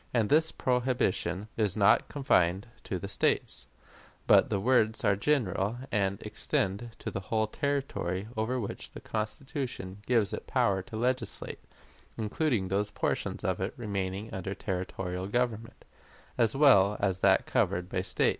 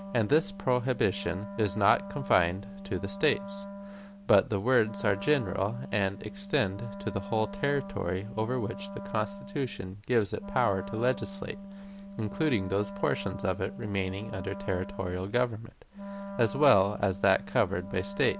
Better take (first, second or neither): first